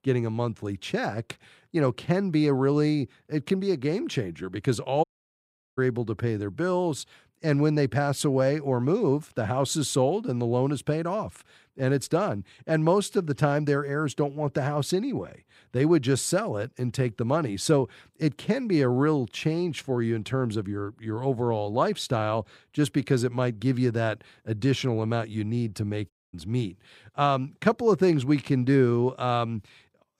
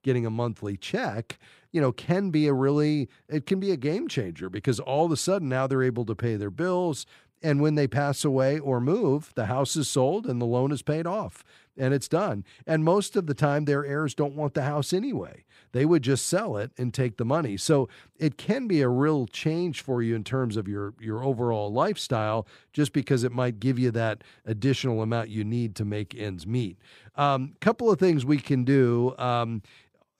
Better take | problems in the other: second | audio cutting out; at 5 s for 0.5 s and at 26 s

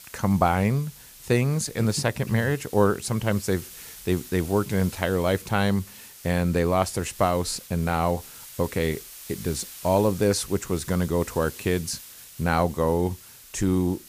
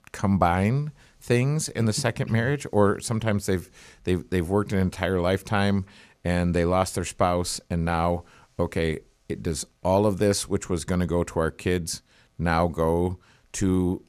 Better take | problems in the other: second | hiss; noticeable; throughout; 15 dB below the speech

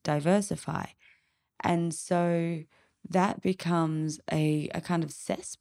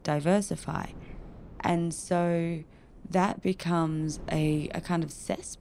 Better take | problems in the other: first | wind noise on the microphone; occasional gusts; 25 dB below the speech

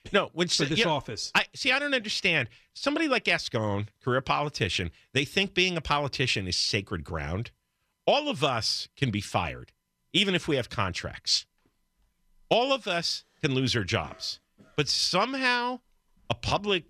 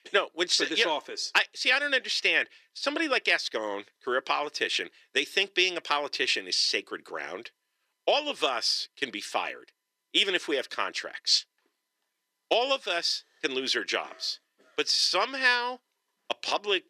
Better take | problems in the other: first | thin; somewhat; fading below 350 Hz

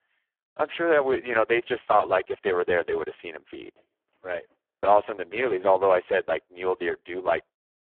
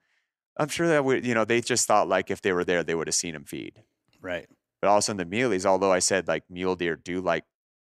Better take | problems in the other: second | phone-call audio; poor line

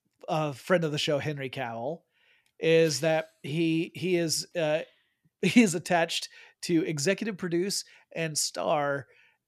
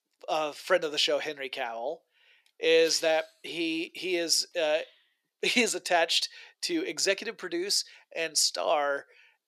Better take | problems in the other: first | thin; somewhat; fading below 400 Hz

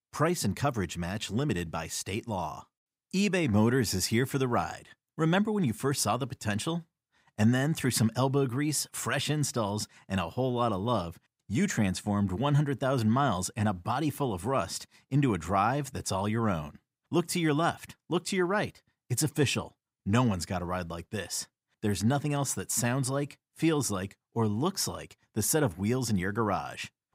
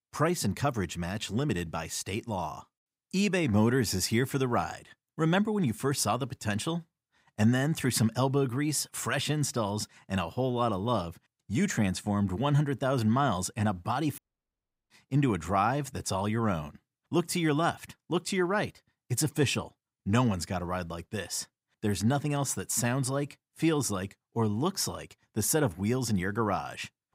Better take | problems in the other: first | audio cutting out; at 14 s for 0.5 s

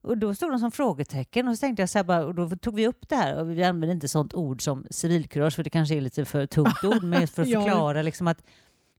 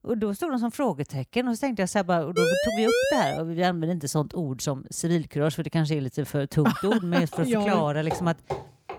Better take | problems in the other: first | siren; loud; from 2.5 to 3.5 s; peak 3 dB above the speech // footsteps; noticeable; from 7.5 s on; peak 8 dB below the speech

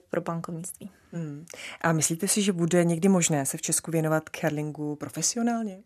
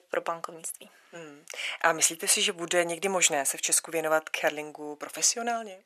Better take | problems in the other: first | thin; very; fading below 650 Hz

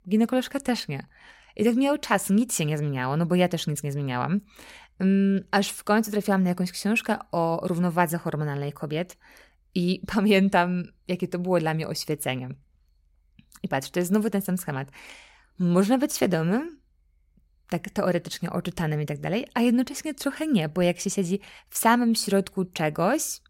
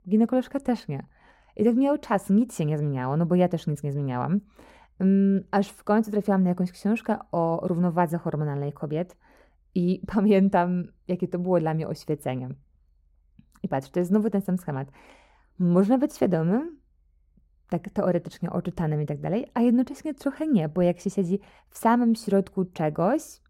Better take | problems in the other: first | muffled; slightly; fading above 1.5 kHz

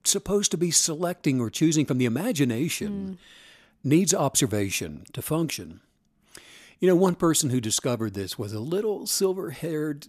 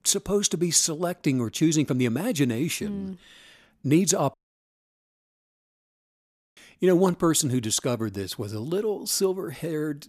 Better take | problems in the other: first | audio cutting out; at 4.5 s for 2 s

